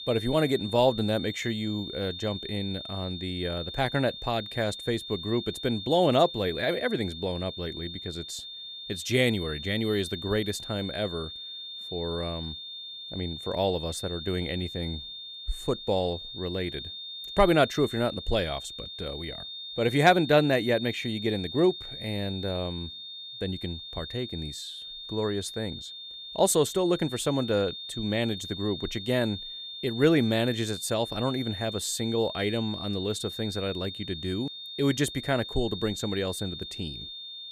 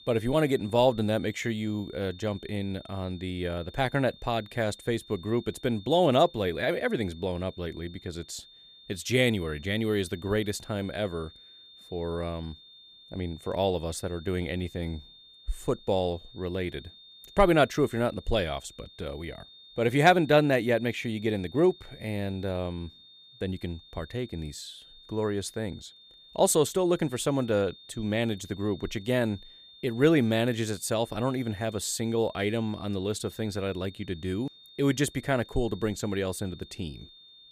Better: second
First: high-pitched whine; loud; throughout; 3.5 kHz, 9 dB below the speech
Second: high-pitched whine; faint; throughout; 3.5 kHz, 20 dB below the speech

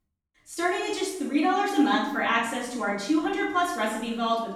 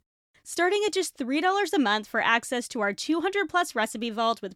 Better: second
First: off-mic speech; far // room echo; noticeable; dies away in 0.8 s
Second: none

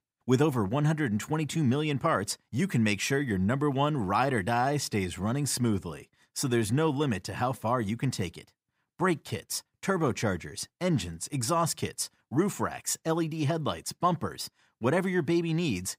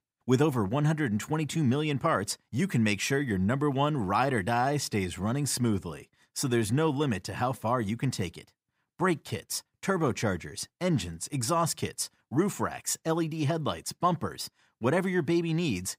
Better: neither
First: none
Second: none

